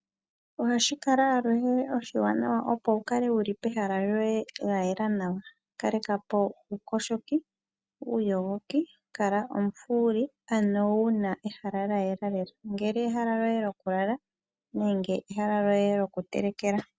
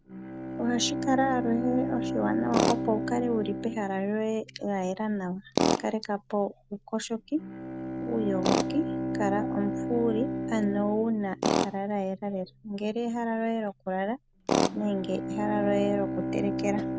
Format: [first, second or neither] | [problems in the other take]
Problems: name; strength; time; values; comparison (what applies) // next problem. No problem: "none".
first | background sound (Bowed string instrument + Tools); 2 dB below the speech